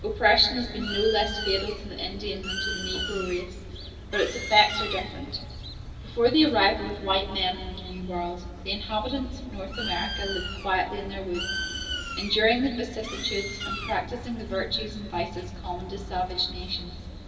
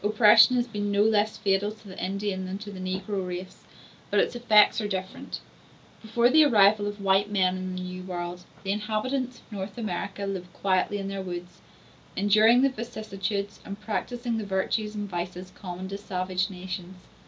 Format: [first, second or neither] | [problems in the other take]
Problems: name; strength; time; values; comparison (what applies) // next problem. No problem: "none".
second | background sound (Bird); 7 dB below the speech // room echo; dies away in 2.9 s